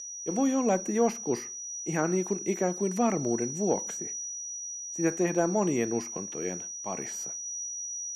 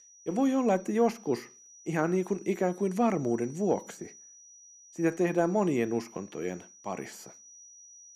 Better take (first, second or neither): second